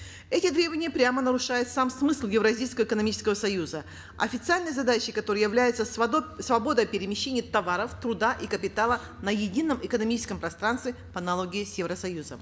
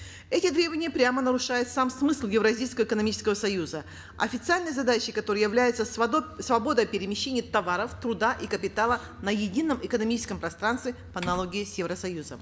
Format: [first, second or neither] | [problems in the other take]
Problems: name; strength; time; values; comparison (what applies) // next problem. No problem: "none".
first | background sound (Typing); 12 dB below the speech